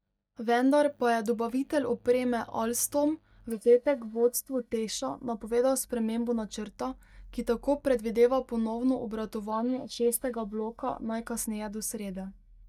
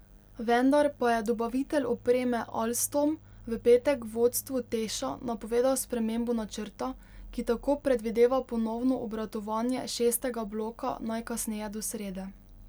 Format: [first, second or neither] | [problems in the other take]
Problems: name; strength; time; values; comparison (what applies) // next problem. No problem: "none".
second | noise reduction (neural mask model DeepFilterNet 3)